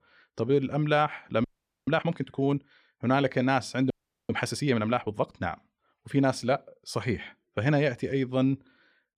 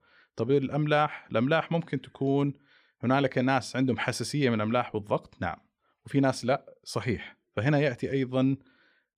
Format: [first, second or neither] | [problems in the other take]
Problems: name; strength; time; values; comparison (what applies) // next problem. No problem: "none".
second | audio freezing; at 1.5 s and at 4 s